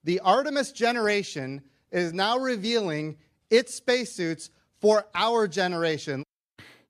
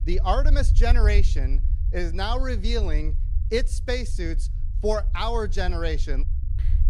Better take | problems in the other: first | low rumble; noticeable; throughout; 20 dB below the speech

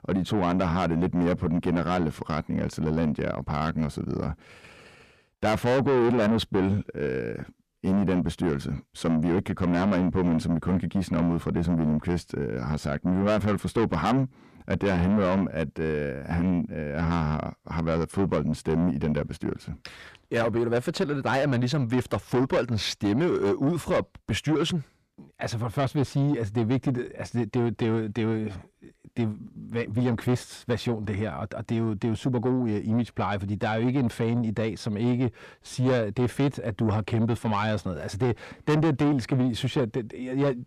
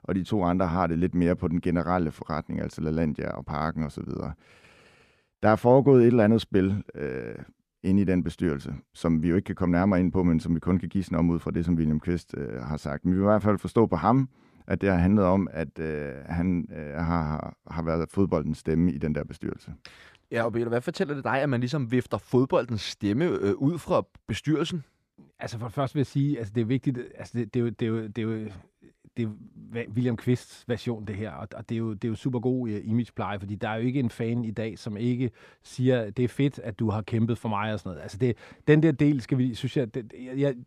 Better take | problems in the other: second | distortion; heavy; 7 dB below the speech

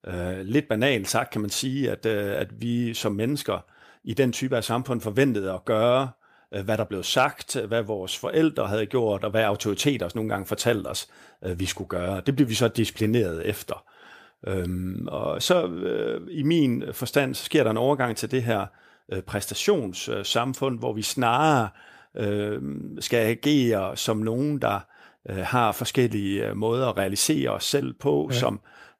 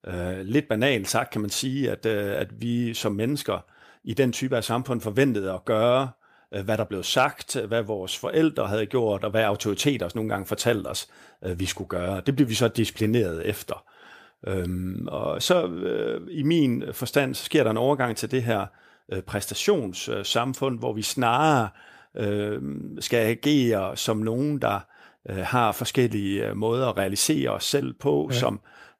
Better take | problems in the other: neither | none

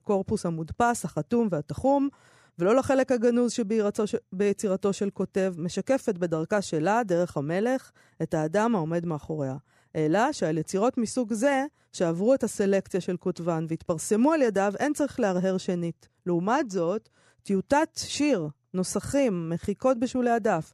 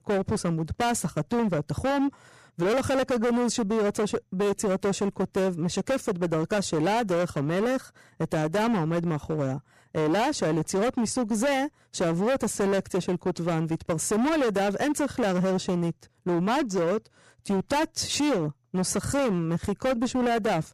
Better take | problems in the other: first | distortion; heavy; 23% of the sound clipped

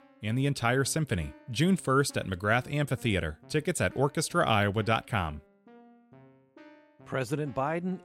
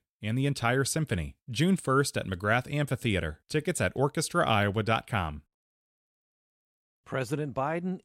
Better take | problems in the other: second | background music; faint; throughout; 25 dB below the speech

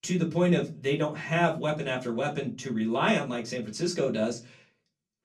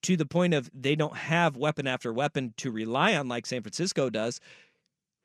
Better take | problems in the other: second | off-mic speech; far // room echo; very slight; dies away in 0.2 s

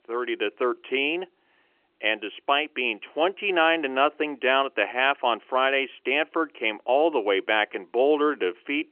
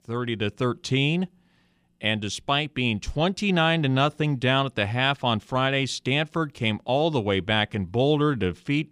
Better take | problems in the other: second | phone-call audio; nothing above 3 kHz

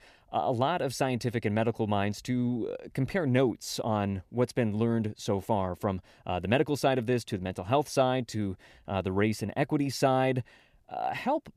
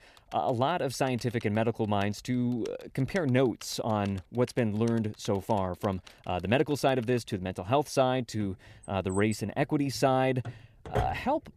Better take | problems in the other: first | household noises; noticeable; throughout; 15 dB below the speech

